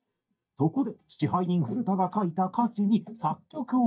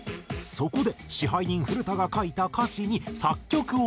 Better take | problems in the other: second | noise reduction (neural mask model DeepFilterNet 3)

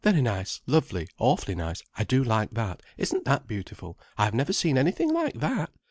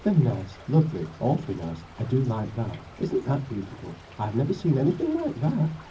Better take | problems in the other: first | background sound (Stream / Trickle, dribble); 19 dB below the speech // room echo; dies away in 0.4 s

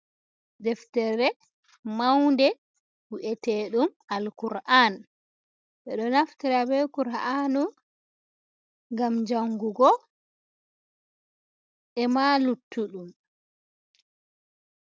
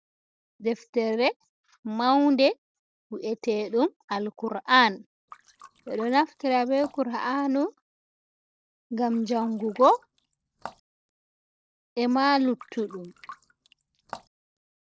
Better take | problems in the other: first | noise reduction (neural separator model SepFormer DNS4)

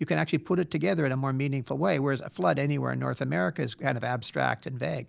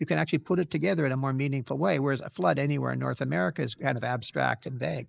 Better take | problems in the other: first | noise reduction (neural mask model Resemble Enhance denoiser)

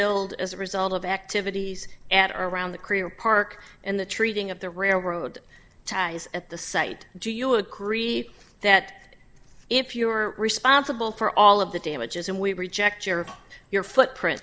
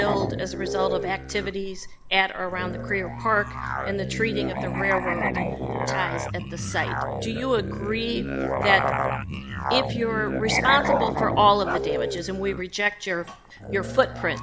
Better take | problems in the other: first | background sound (Musical instrument + Bark); 2 dB below the speech

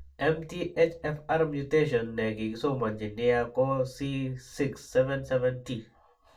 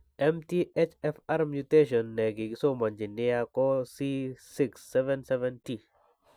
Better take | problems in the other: second | room echo; dies away in 0.2 s

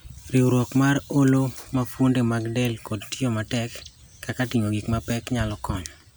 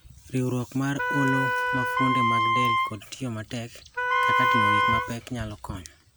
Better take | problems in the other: first | background sound (Wind instrument, woodwind instrument + Wind instrument, woodwind instrument); 5 dB above the speech

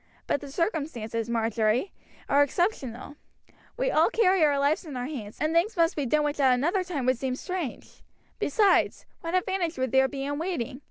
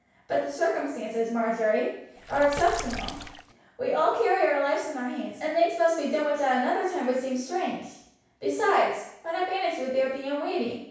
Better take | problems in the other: first | background sound (Water / Splash, splatter); 11 dB below the speech // room echo; dies away in 0.7 s

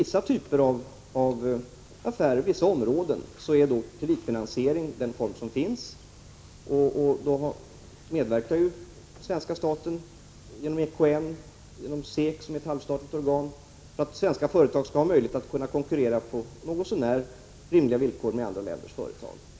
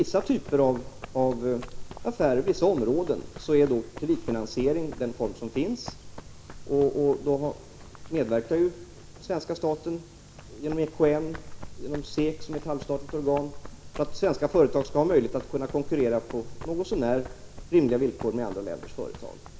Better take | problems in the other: first | background sound (Run); 13 dB below the speech

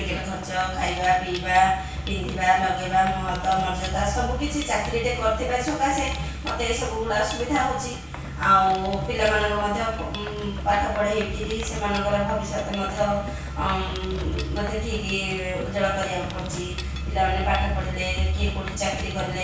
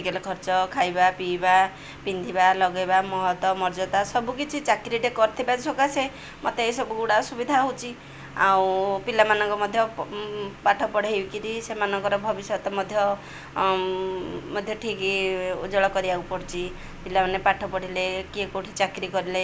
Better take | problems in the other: second | background sound (Mechanisms); 14 dB below the speech // room echo; dies away in 0.6 s

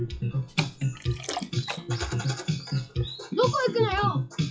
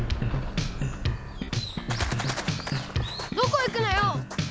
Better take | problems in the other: second | noise reduction (classical method WPE with log-MMSE)

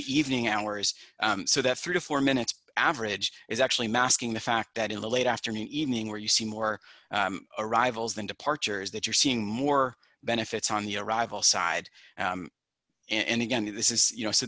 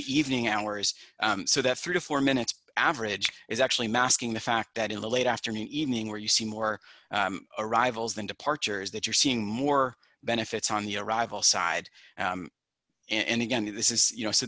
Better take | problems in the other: first | background sound (Finger snapping); 17 dB below the speech

